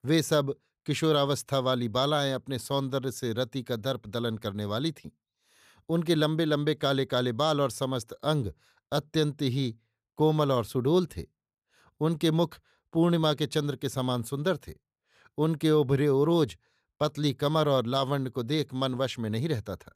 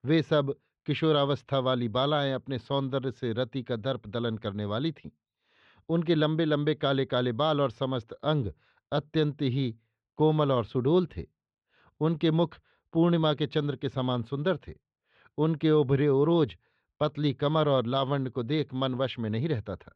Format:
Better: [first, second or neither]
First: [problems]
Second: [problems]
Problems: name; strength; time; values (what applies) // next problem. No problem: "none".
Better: first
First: none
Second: muffled; slightly; fading above 3 kHz